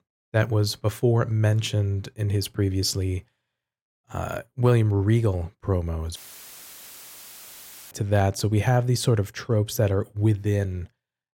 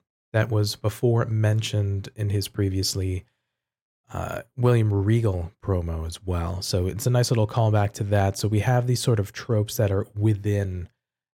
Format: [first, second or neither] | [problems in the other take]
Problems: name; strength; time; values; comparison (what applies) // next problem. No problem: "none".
second | audio cutting out; filled with static; at 6 s for 2 s